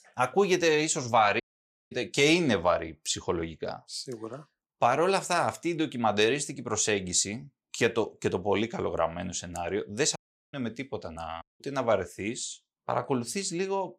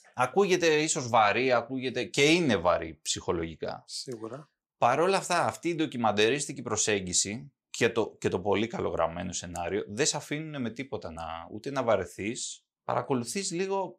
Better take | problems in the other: second | audio cutting out; at 1.5 s for 0.5 s, at 10 s and at 11 s

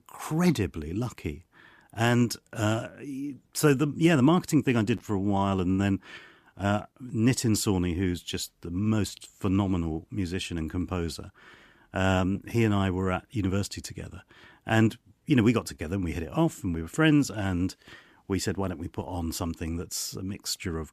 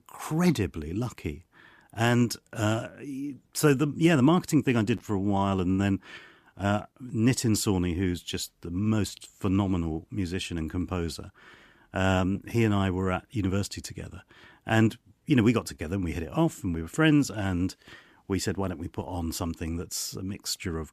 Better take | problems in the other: neither | none

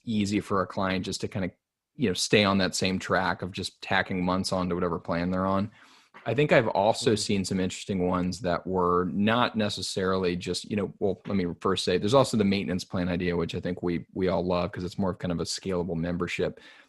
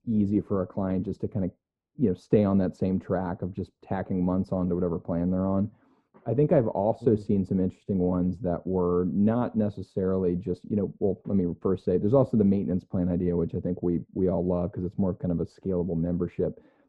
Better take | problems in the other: first | muffled; very; fading above 1.5 kHz

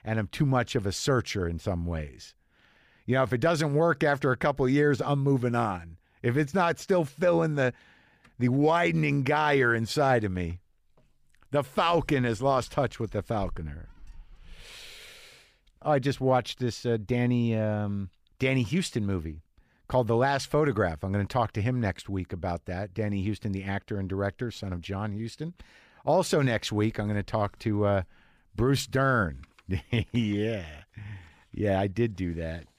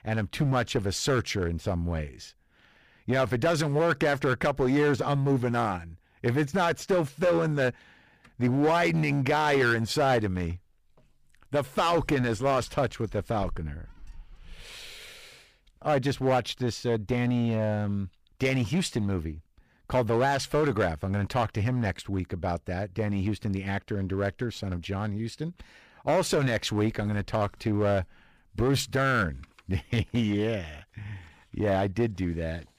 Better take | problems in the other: first | distortion; slight; 7% of the sound clipped

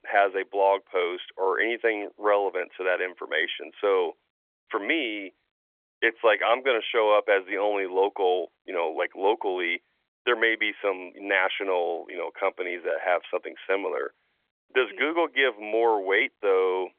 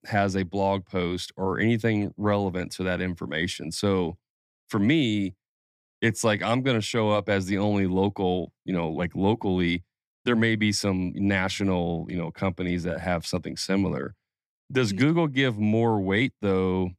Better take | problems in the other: second | phone-call audio; nothing above 3.5 kHz

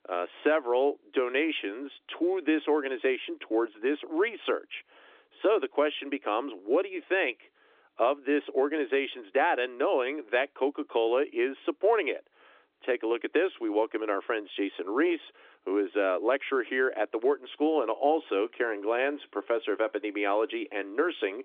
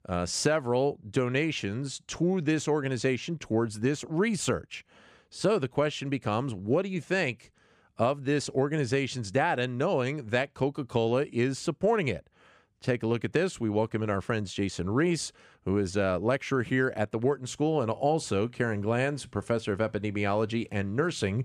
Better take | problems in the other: second | phone-call audio; nothing above 3.5 kHz

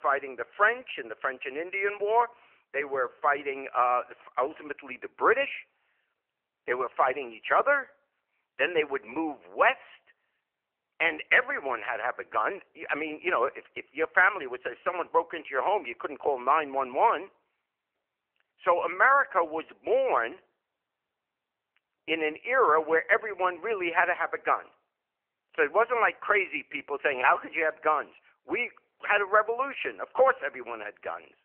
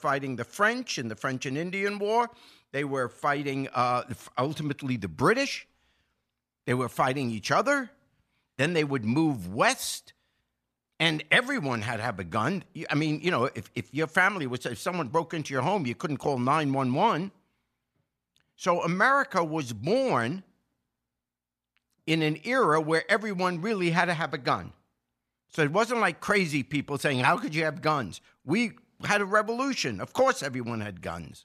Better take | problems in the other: second | phone-call audio; nothing above 3 kHz

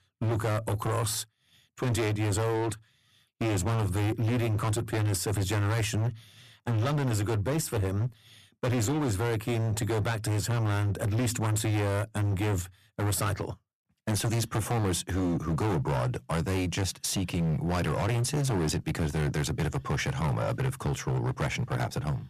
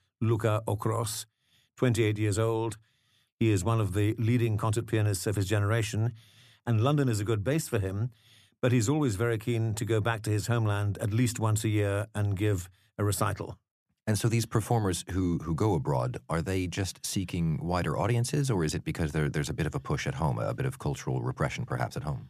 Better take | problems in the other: second | distortion; heavy; 25% of the sound clipped

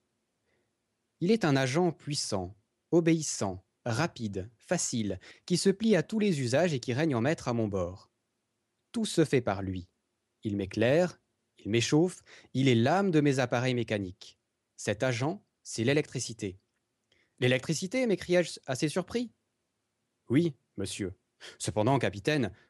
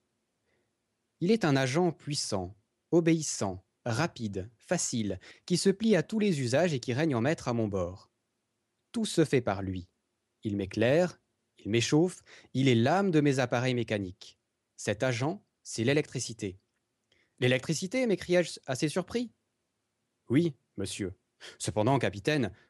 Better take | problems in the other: neither | none

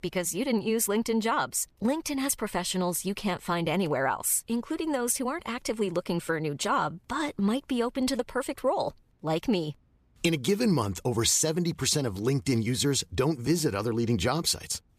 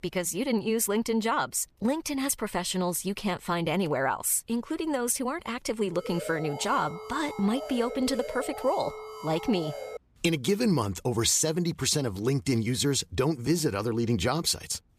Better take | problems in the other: first | alarm; noticeable; from 6 to 10 s; peak 9 dB below the speech

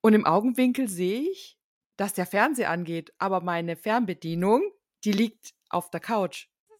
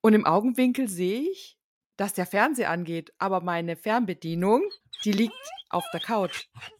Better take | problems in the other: first | dog barking; noticeable; from 4.5 s on; peak 10 dB below the speech

